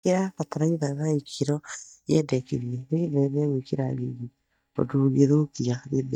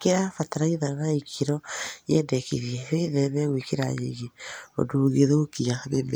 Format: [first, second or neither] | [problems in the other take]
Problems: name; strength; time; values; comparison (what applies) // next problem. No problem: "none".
second | noise reduction (neural mask model DeepFilterNet 3)